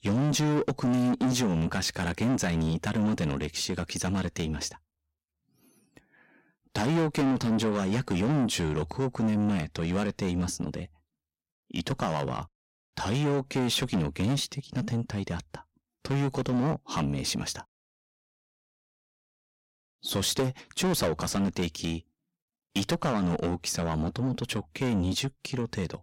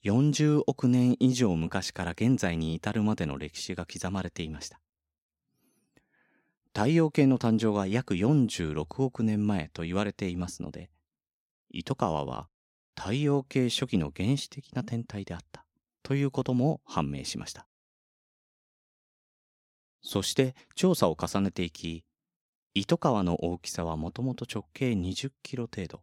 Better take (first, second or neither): second